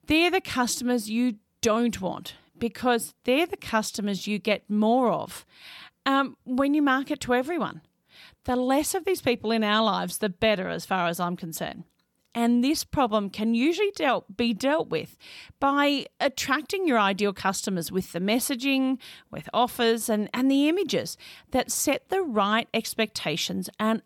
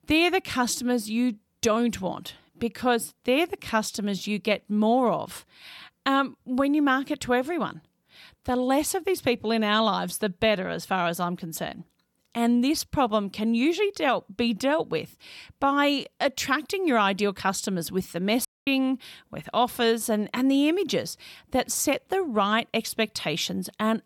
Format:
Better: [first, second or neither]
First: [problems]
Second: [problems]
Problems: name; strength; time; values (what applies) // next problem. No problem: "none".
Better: first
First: none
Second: audio cutting out; at 18 s